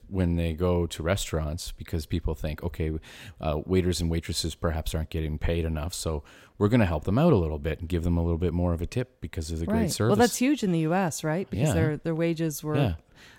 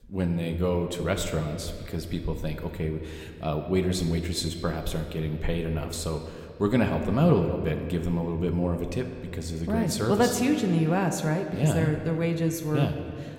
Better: first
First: none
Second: room echo; slight; dies away in 1.8 s

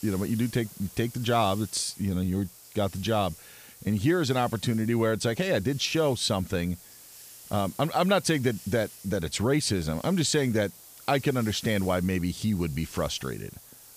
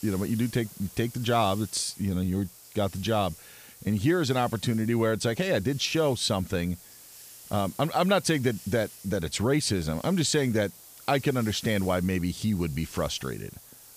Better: neither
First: hiss; noticeable; throughout; 20 dB below the speech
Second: hiss; noticeable; throughout; 20 dB below the speech

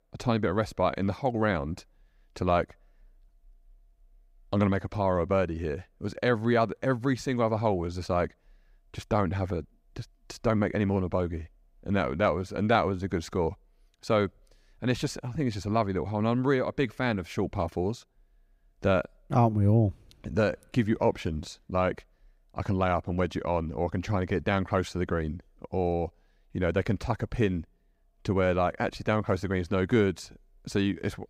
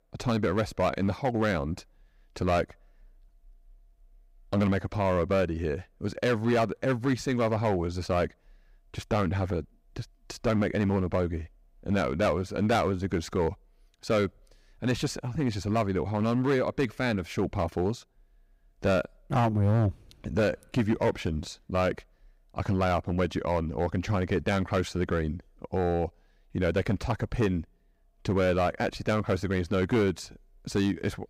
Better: first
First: none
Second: distortion; slight; 5% of the sound clipped

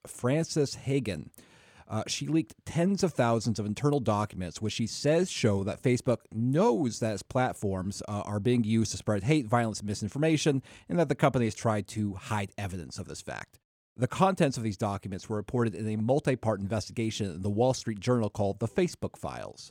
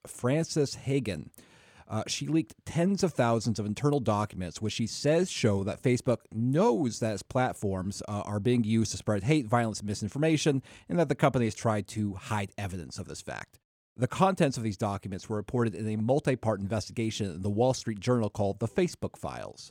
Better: neither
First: none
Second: none

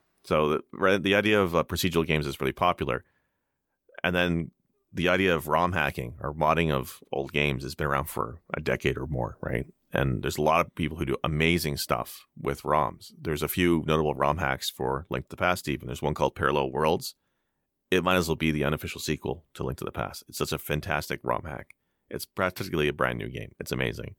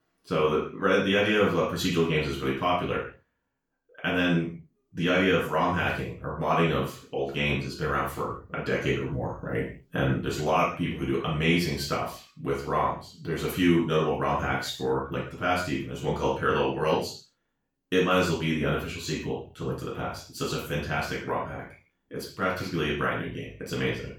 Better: first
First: none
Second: room echo; noticeable; dies away in 0.4 s // off-mic speech; far

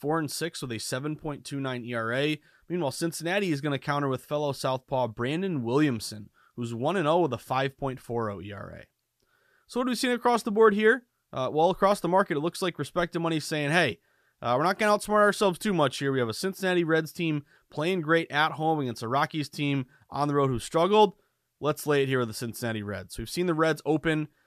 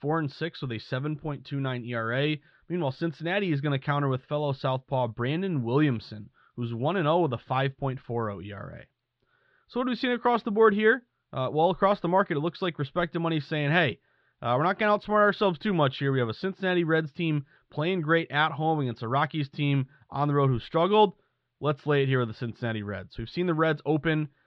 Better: first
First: none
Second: muffled; slightly; fading above 4 kHz

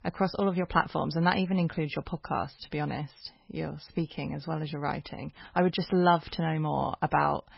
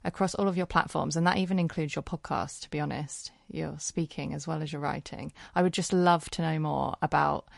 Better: second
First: garbled, watery; badly; nothing above 5.5 kHz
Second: garbled, watery; slightly; nothing above 11 kHz

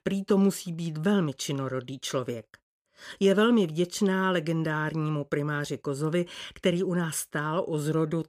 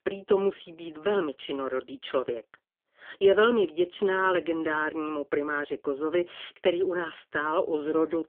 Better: first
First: none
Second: phone-call audio; poor line; nothing above 3.5 kHz

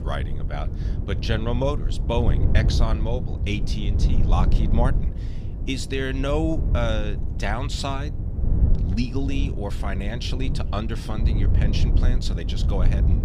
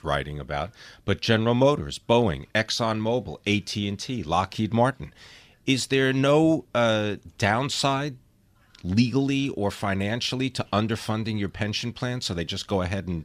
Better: second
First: wind noise on the microphone; heavy; 8 dB below the speech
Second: none

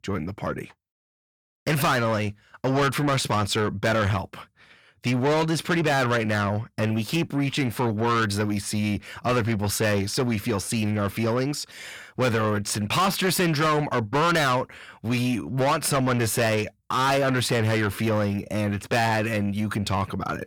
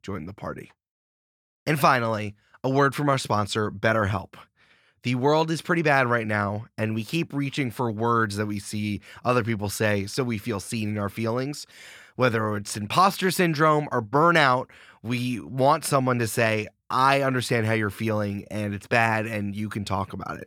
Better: second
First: distortion; heavy; 6 dB below the speech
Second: none

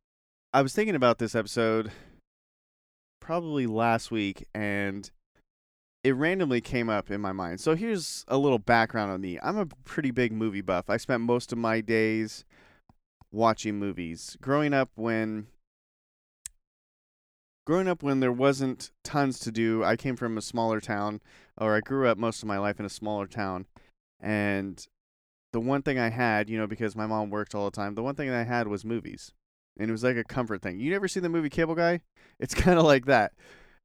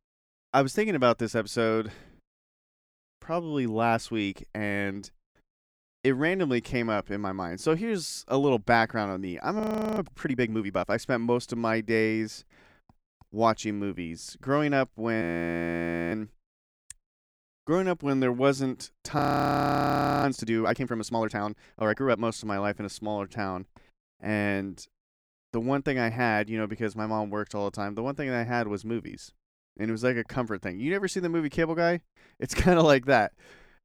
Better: first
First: none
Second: audio freezing; at 9.5 s, at 15 s for 1 s and at 19 s for 1 s

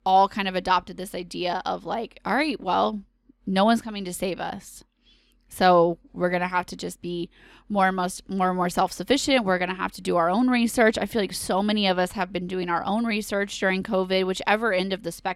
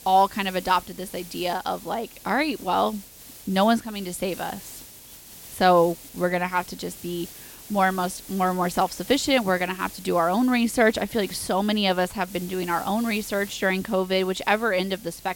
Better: first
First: none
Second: hiss; noticeable; throughout; 15 dB below the speech

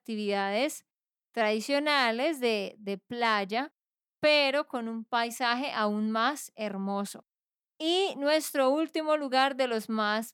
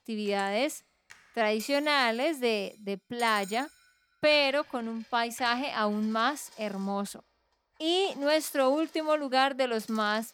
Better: first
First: none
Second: household noises; faint; throughout; 20 dB below the speech

